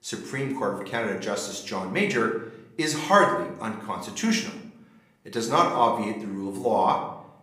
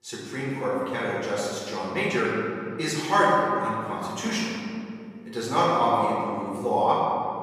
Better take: first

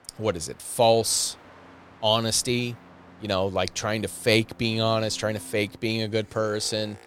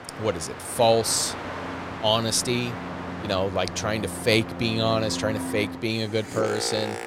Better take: first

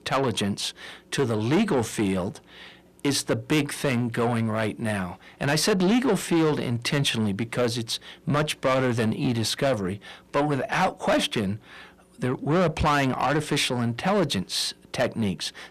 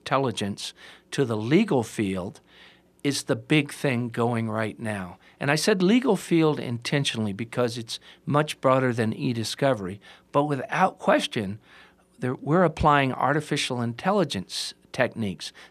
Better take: second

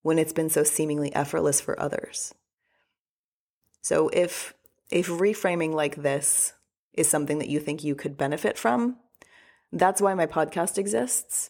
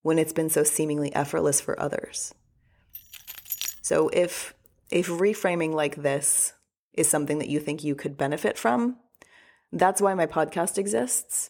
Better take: first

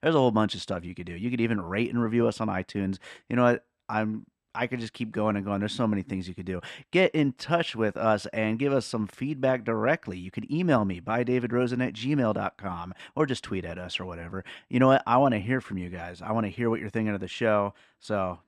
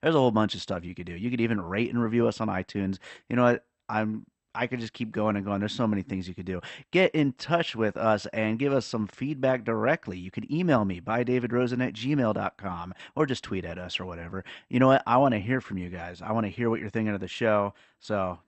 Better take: first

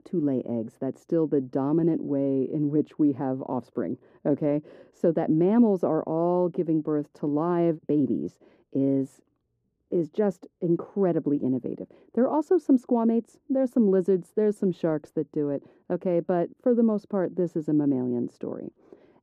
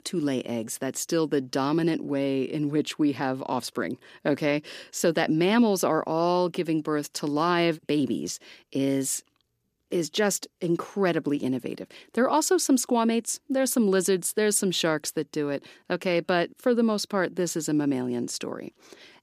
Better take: second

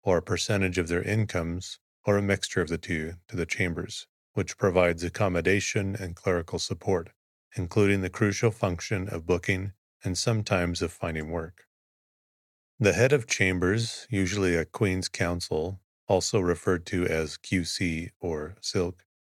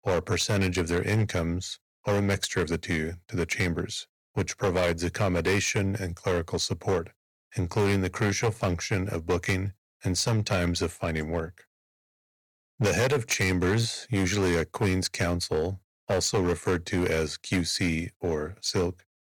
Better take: first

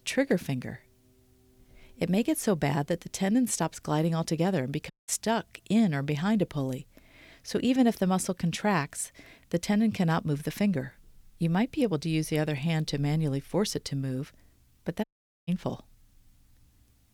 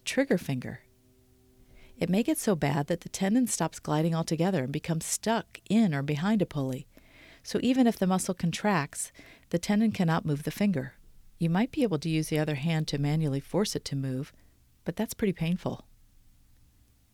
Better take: second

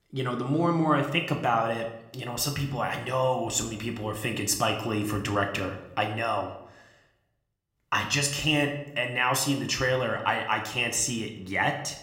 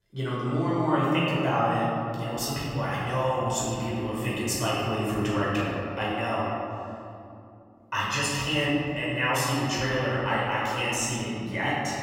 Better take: first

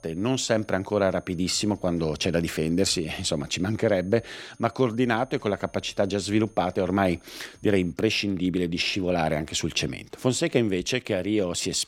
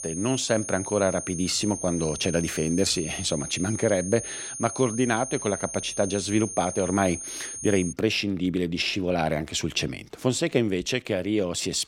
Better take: first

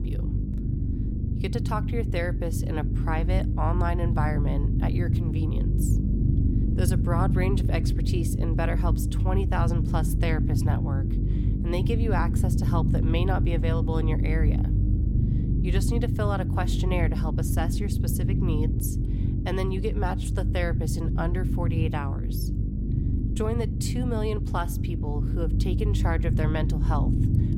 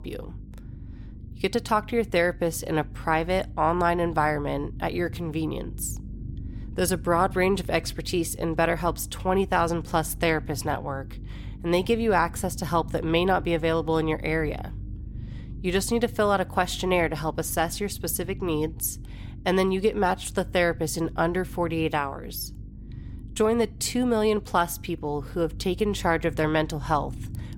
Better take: second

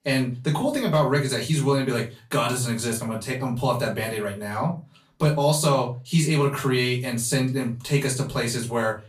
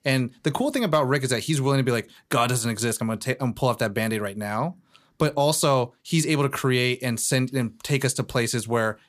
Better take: second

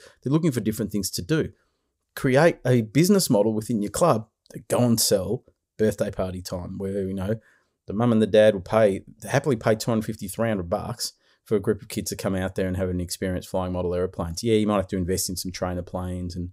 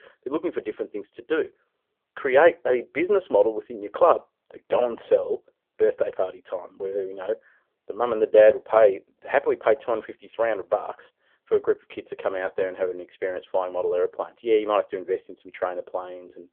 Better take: first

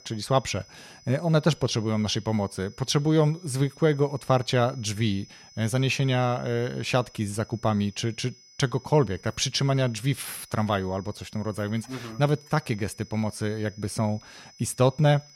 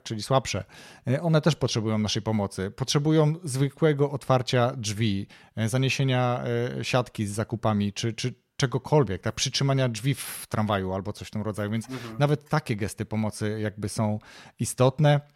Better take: second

